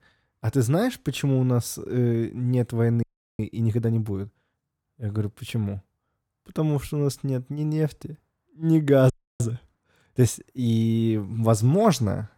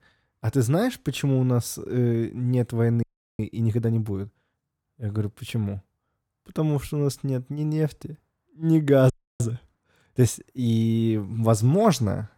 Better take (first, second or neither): neither